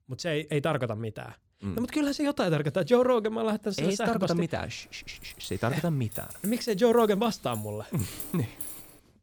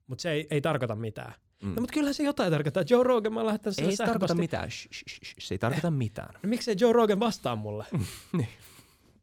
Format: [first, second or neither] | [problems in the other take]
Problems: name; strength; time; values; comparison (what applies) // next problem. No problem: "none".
second | jangling keys; noticeable; from 5 s on; peak 8 dB below the speech